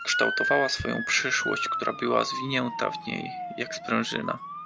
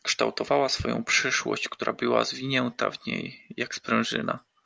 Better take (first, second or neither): second